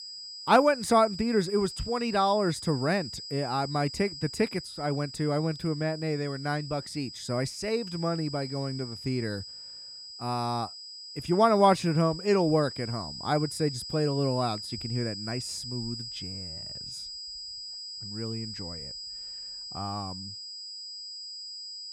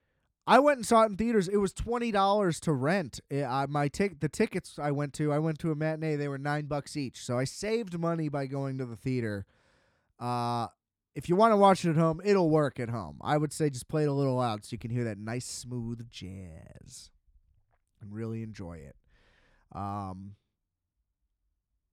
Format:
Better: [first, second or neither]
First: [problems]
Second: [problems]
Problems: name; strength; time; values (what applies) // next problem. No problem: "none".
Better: second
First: high-pitched whine; loud; throughout; 5 kHz, 10 dB below the speech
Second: none